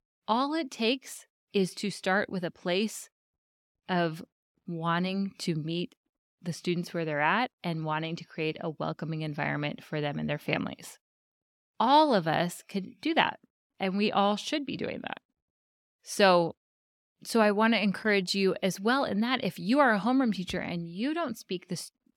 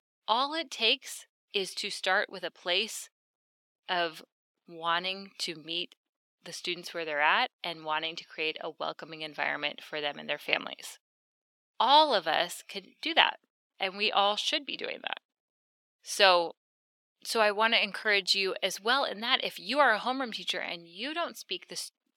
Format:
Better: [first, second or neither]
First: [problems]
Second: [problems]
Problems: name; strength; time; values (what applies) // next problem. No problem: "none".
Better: first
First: none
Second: thin; somewhat; fading below 550 Hz